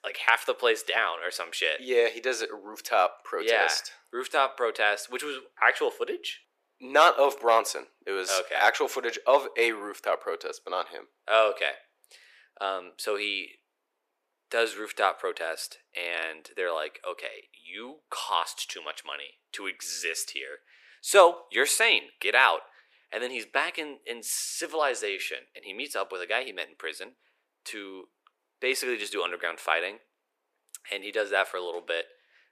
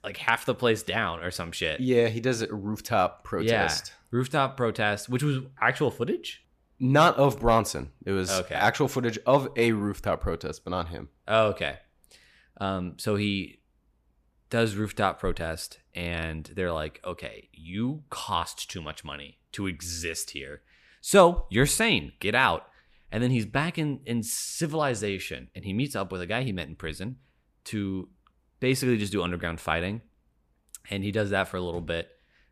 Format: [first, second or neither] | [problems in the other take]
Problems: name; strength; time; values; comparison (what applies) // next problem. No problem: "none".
second | thin; very; fading below 400 Hz